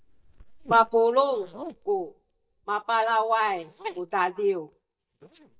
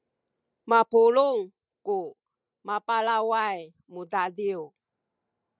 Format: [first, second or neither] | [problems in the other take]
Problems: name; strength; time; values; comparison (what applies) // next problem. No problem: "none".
second | noise reduction (neural mask model DeepFilterNet 3)